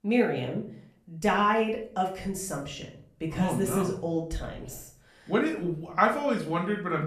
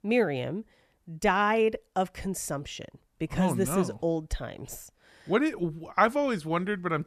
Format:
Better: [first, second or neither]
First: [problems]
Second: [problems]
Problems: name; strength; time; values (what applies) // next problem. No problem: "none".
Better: second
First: room echo; slight; dies away in 0.4 s // off-mic speech; far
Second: none